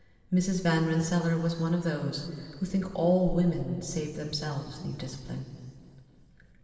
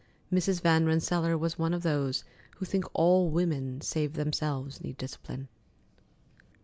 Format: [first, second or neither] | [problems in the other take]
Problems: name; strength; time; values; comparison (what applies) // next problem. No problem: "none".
second | room echo; dies away in 2.6 s